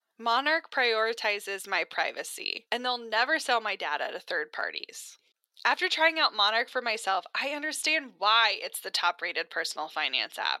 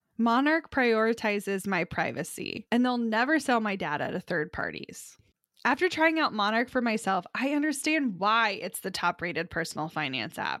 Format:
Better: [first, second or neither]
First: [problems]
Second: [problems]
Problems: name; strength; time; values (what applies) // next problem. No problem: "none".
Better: second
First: thin; very; fading below 500 Hz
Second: none